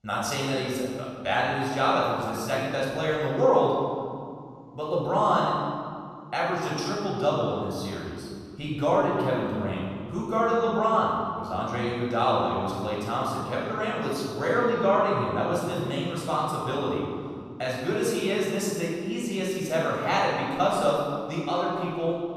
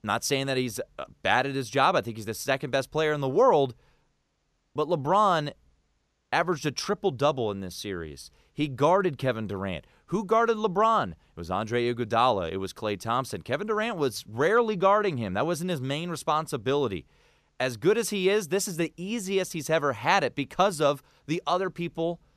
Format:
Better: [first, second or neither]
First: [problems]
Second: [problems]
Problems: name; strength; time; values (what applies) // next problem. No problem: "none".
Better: second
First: off-mic speech; far // room echo; strong; dies away in 2 s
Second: none